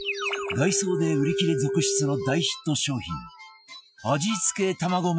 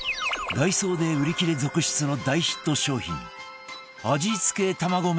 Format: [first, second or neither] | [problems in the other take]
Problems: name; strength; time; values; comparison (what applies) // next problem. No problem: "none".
second | noise reduction (classical method Wiener filter)